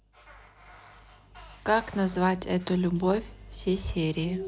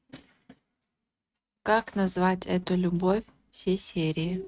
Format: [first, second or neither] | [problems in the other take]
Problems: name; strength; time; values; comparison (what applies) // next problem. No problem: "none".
first | noise reduction (neural mask model RNNoise)